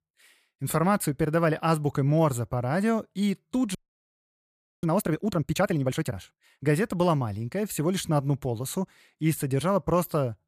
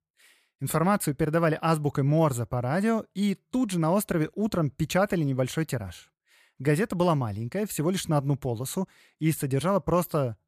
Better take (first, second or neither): second